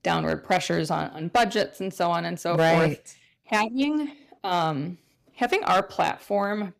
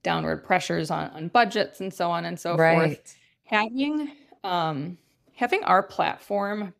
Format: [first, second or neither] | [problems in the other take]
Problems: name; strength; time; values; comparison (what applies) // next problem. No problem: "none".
second | distortion; slight; 3% of the sound clipped